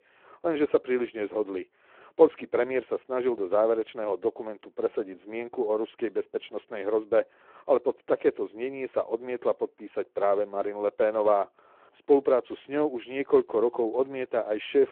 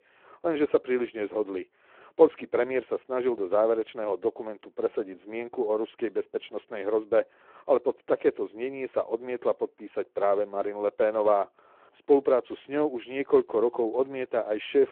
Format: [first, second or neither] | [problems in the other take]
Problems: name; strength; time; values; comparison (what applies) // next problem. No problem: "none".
neither | phone-call audio; the same in both